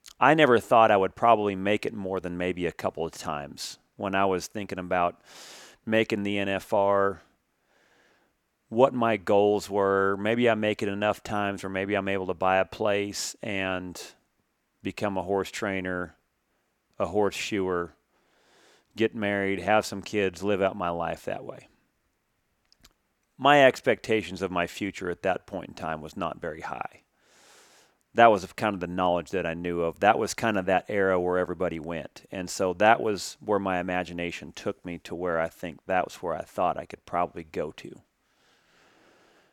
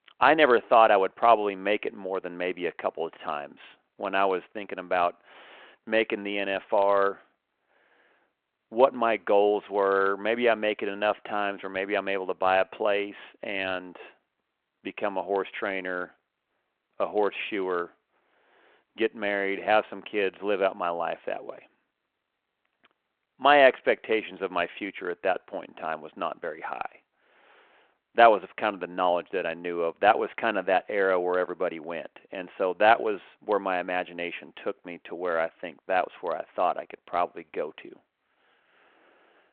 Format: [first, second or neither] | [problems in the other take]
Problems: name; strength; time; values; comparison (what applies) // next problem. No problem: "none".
first | phone-call audio